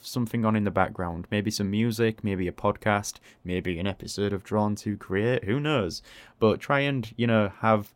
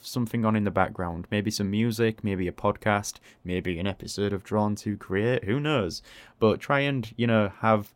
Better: neither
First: none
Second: none

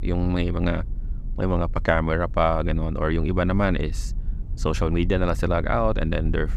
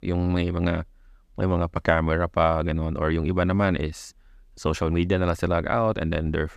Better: second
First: low rumble; faint; throughout; 25 dB below the speech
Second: none

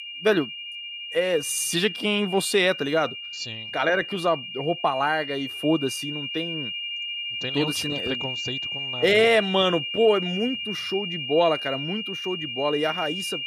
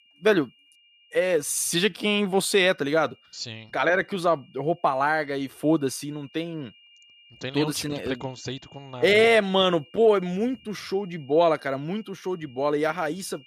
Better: second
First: high-pitched whine; loud; throughout; 3 kHz, 6 dB below the speech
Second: high-pitched whine; faint; throughout; 3 kHz, 30 dB below the speech

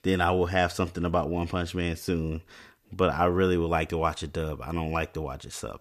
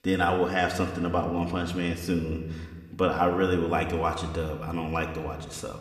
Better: first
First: none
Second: room echo; slight; dies away in 1.1 s

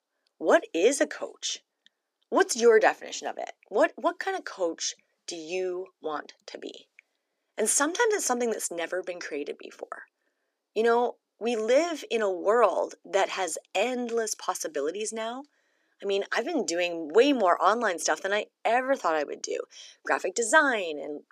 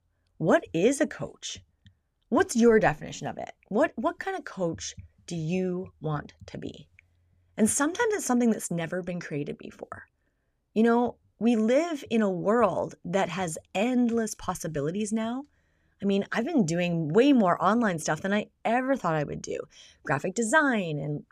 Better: second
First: thin; somewhat; fading below 300 Hz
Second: none

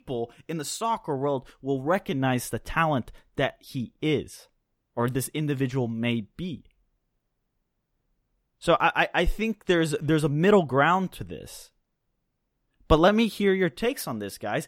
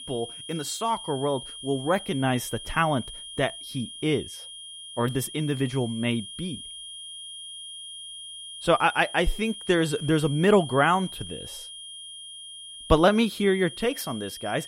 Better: first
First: none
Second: high-pitched whine; noticeable; throughout; 3 kHz, 10 dB below the speech

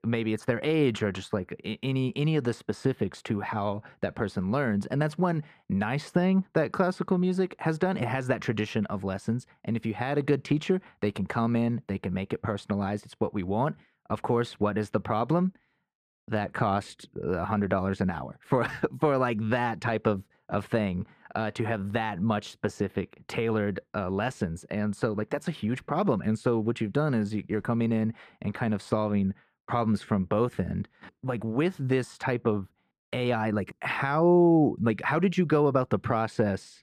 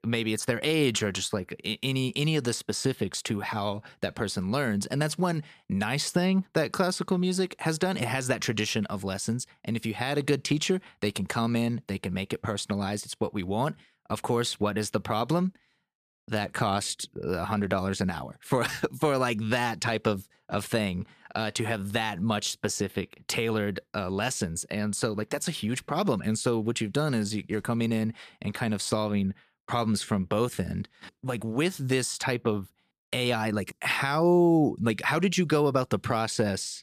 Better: second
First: muffled; slightly; fading above 3 kHz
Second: none

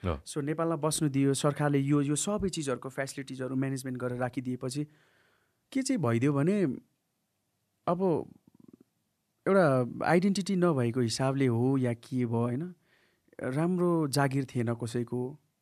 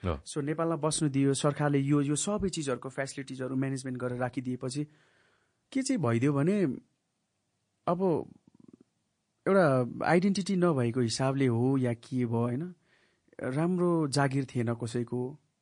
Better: first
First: none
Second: garbled, watery; slightly; nothing above 8.5 kHz

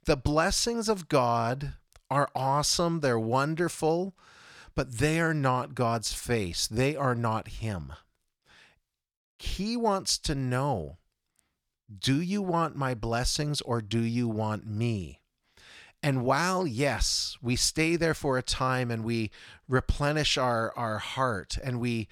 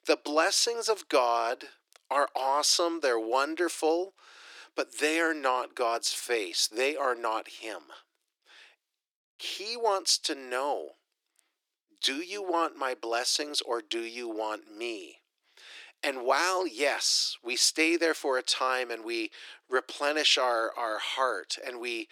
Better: first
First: none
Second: thin; very; fading below 300 Hz

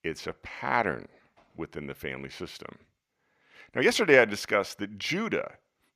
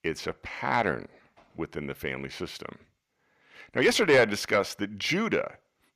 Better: first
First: none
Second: distortion; slight; 10 dB below the speech

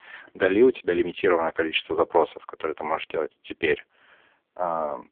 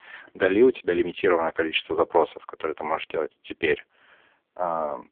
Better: neither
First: phone-call audio; poor line; nothing above 3.5 kHz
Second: phone-call audio; poor line; nothing above 3.5 kHz

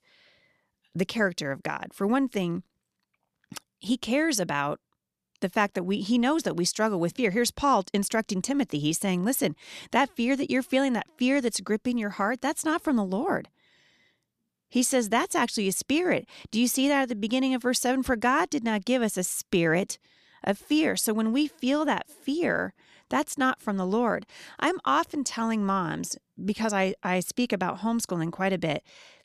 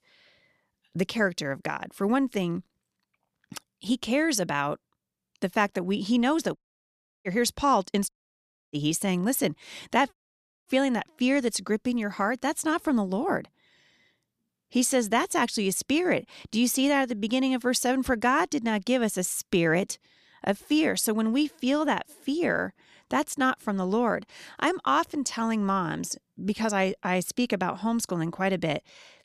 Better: first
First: none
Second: audio cutting out; at 6.5 s for 0.5 s, at 8 s for 0.5 s and at 10 s for 0.5 s

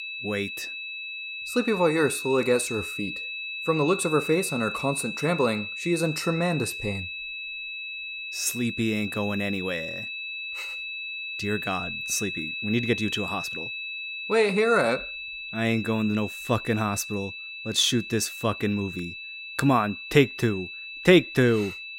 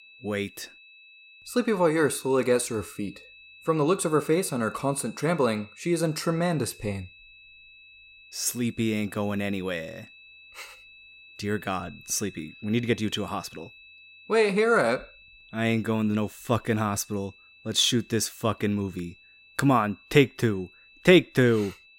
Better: second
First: high-pitched whine; loud; throughout; 2.5 kHz, 7 dB below the speech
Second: high-pitched whine; faint; throughout; 2.5 kHz, 25 dB below the speech

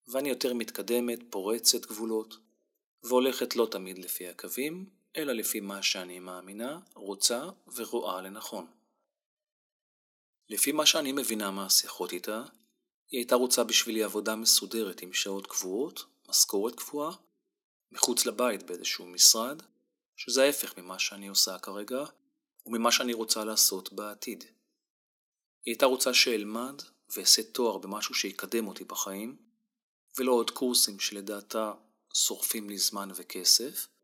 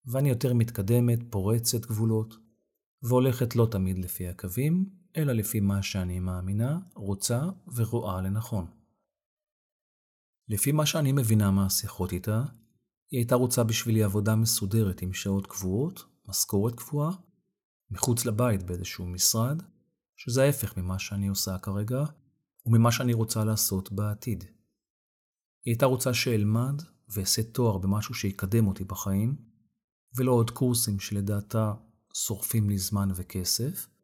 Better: second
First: thin; somewhat; fading below 250 Hz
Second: none

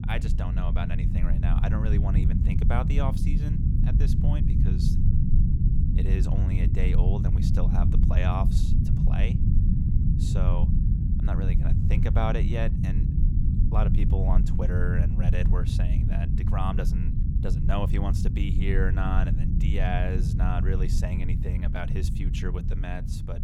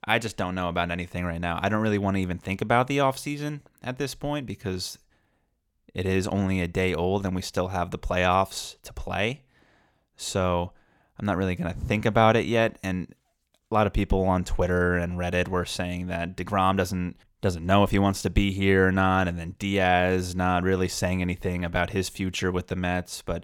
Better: second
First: low rumble; loud; throughout; 3 dB below the speech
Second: none

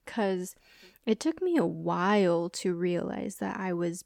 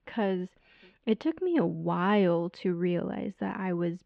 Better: first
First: none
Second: muffled; slightly; fading above 3.5 kHz

